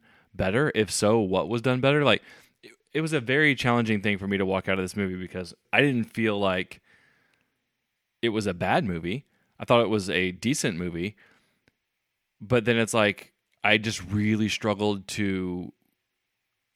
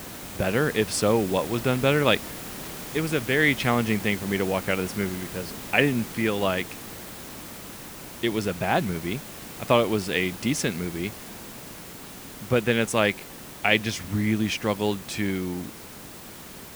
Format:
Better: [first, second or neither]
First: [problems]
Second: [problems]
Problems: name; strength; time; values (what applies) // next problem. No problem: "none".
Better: first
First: none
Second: hiss; noticeable; throughout; 10 dB below the speech